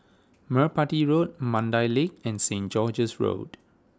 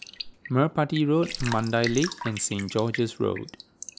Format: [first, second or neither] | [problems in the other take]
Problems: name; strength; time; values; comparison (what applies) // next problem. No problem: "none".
first | background sound (Raindrop / Drip); 11 dB below the speech